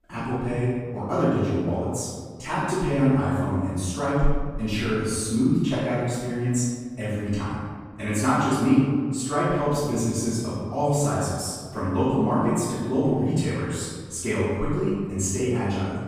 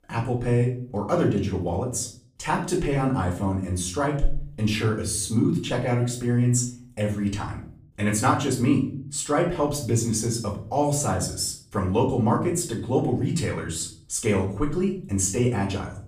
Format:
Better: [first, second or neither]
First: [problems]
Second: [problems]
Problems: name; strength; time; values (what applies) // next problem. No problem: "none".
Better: second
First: room echo; strong; dies away in 1.5 s // off-mic speech; far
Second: room echo; slight; dies away in 0.4 s // off-mic speech; far